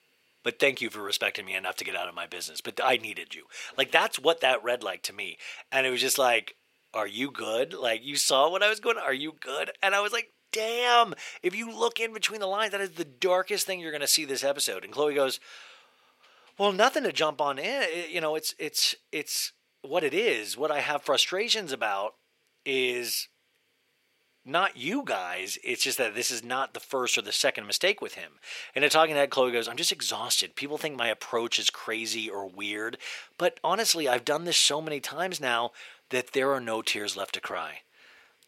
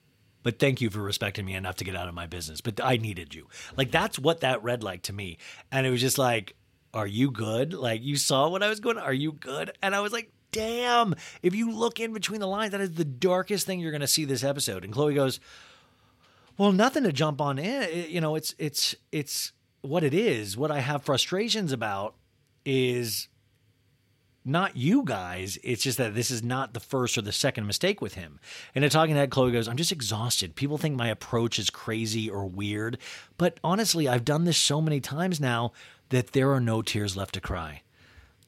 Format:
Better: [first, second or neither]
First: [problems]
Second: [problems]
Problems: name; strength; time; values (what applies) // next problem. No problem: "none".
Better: second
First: thin; somewhat; fading below 500 Hz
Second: none